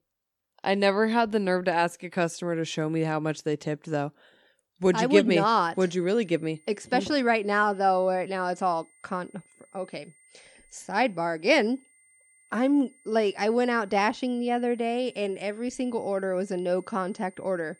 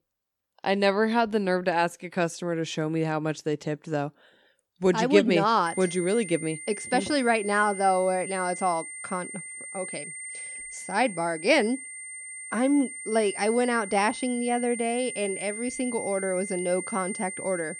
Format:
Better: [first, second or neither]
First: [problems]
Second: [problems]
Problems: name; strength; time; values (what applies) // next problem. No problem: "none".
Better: first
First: high-pitched whine; faint; from 5.5 s on; 9 kHz, 30 dB below the speech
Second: high-pitched whine; loud; from 5.5 s on; 9 kHz, 9 dB below the speech